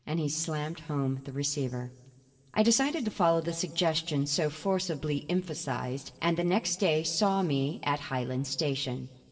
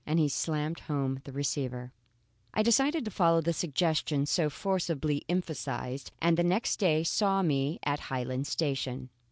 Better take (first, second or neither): second